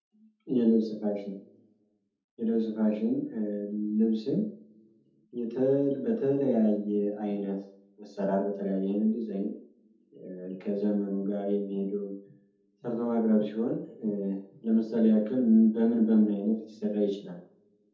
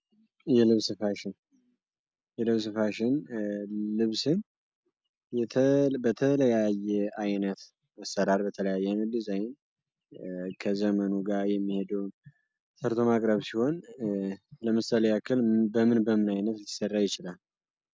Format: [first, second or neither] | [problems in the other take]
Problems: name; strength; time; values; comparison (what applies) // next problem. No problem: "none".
second | room echo; dies away in 0.6 s